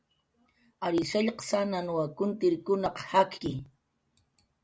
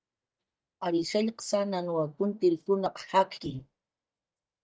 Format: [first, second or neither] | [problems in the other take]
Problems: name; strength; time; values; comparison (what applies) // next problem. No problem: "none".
first | noise reduction (neural mask model DeepFilterNet 3)